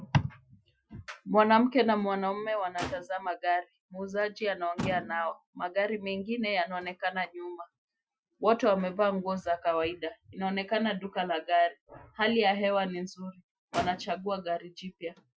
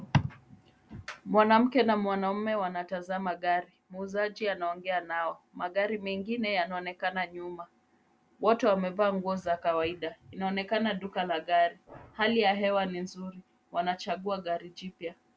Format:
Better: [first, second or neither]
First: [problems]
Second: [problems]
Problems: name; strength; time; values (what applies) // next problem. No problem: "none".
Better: second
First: noise reduction (classical method Wiener filter)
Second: none